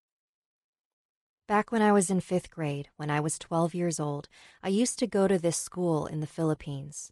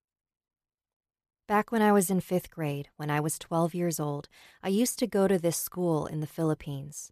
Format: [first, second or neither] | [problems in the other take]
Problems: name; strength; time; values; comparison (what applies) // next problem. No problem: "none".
second | garbled, watery; slightly; nothing above 10.5 kHz